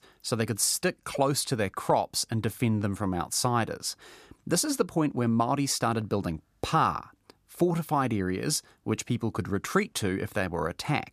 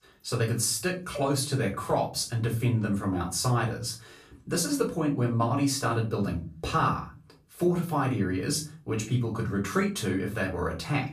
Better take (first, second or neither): first